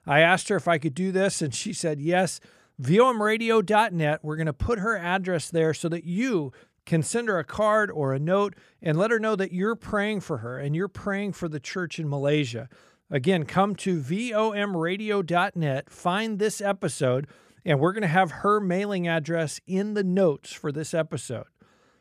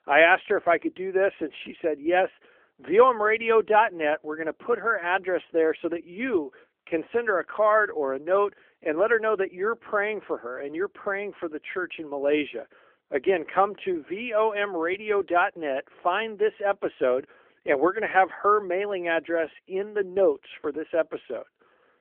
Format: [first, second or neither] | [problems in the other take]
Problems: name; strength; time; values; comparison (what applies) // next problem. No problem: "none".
first | phone-call audio; nothing above 3.5 kHz